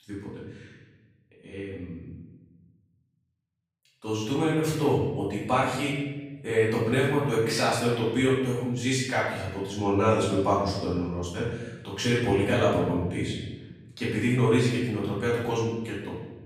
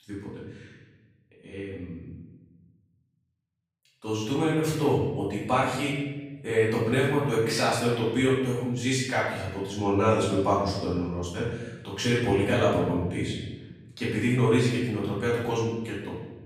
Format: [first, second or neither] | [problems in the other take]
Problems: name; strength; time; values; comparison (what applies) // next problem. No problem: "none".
neither | off-mic speech; far; the same in both // room echo; noticeable; dies away in 1.1 s; the same in both